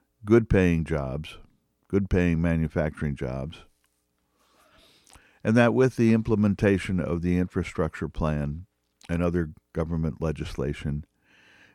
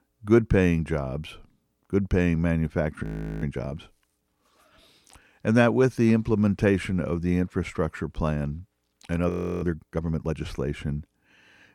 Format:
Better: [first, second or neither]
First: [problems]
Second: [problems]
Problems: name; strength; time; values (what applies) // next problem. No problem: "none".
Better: first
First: none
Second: audio freezing; at 3 s and at 9.5 s